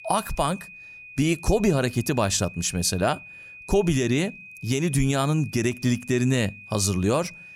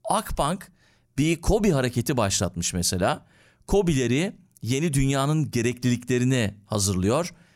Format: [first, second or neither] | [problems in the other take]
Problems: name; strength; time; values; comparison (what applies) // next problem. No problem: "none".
second | high-pitched whine; noticeable; throughout; 2.5 kHz, 15 dB below the speech